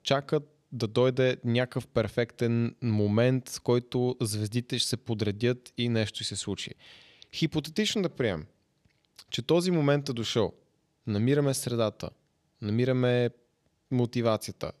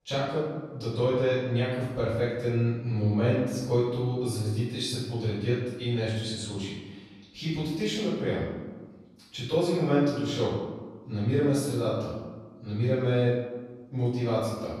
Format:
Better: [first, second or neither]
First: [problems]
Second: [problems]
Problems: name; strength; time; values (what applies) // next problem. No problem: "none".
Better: first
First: none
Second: off-mic speech; far // room echo; strong; dies away in 1.2 s